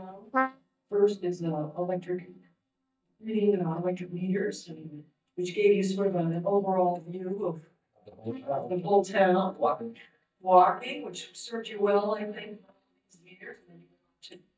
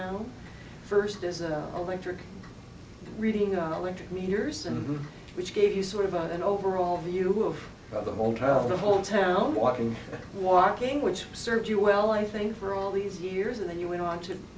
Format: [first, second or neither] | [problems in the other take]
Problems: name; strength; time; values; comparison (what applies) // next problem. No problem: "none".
second | noise reduction (neural mask model DeepFilterNet 3)